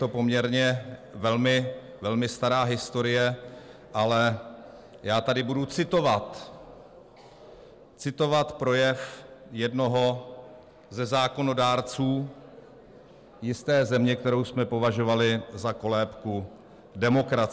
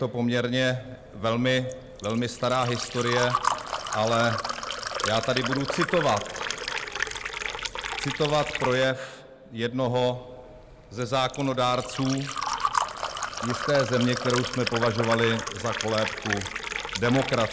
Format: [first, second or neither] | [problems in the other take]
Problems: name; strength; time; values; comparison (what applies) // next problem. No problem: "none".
first | background sound (Liquid); 5 dB below the speech